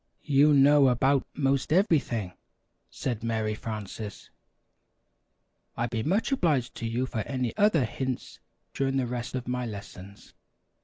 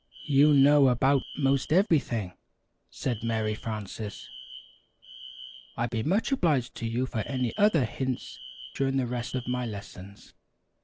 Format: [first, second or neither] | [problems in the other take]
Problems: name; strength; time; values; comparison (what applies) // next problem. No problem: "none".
first | background sound (Alarm); 20 dB below the speech